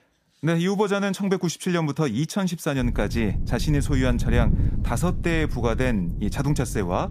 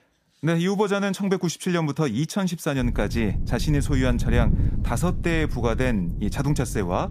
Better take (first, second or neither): neither